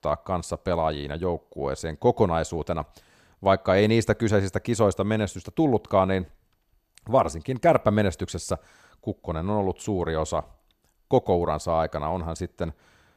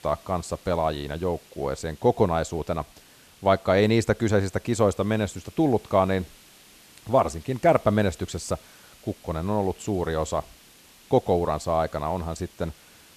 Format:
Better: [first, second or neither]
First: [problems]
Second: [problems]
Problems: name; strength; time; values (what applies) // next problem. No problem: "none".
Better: first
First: none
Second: hiss; faint; throughout; 25 dB below the speech